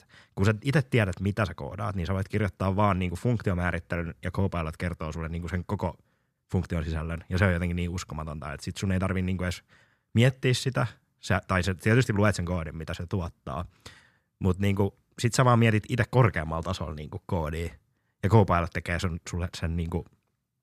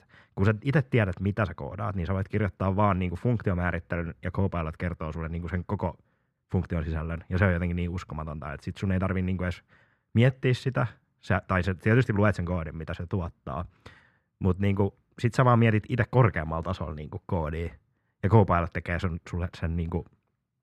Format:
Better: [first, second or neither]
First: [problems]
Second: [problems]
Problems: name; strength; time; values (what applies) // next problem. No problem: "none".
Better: first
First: none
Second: muffled; slightly; fading above 3.5 kHz